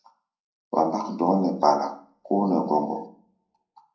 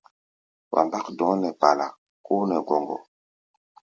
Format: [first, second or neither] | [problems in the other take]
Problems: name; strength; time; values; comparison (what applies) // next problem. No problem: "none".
second | room echo; dies away in 0.6 s